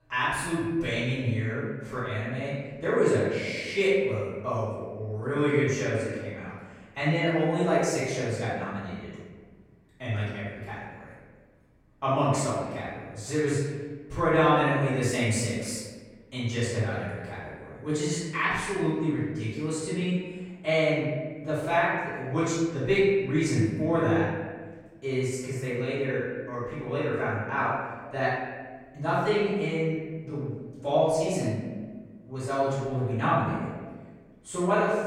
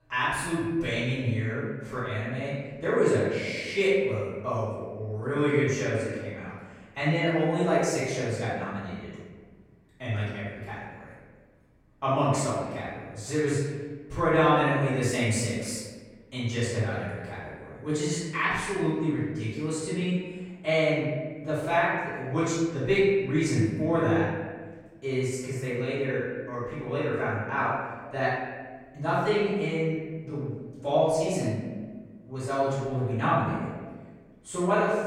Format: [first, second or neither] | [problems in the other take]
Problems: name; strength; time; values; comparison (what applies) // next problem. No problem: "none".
neither | off-mic speech; far; the same in both // room echo; strong; dies away in 1.4 s; the same in both